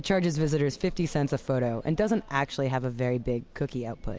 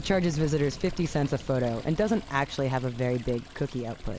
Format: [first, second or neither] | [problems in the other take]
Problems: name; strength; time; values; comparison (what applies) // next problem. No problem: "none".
first | background sound (Trickle, dribble / Toilet flush + Fire); 16 dB below the speech